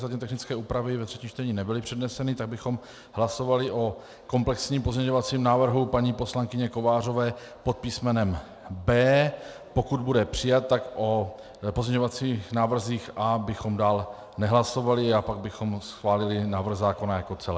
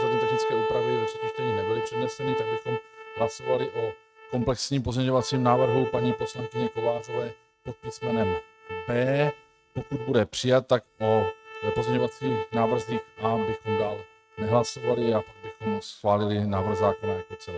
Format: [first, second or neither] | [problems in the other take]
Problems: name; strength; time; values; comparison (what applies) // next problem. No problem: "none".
first | noise reduction (neural mask model RNNoise)